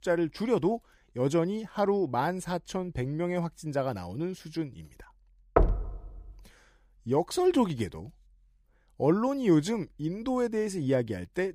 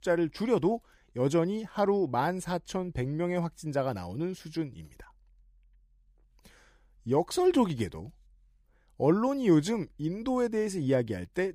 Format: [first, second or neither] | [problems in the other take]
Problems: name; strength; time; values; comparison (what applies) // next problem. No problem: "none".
second | door banging; loud; at 5.5 s; peak 3 dB above the speech